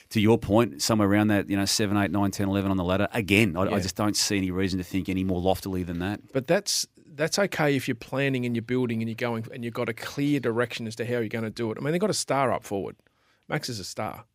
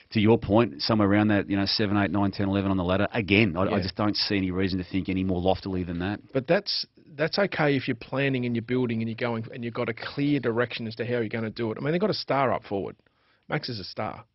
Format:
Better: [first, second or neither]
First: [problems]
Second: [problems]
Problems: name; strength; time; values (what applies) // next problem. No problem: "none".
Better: first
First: none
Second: garbled, watery; badly; nothing above 5.5 kHz